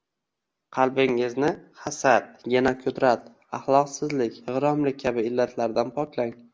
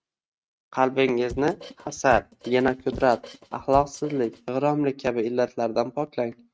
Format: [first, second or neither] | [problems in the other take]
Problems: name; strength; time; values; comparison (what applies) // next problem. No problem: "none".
first | noise reduction (neural mask model RNNoise)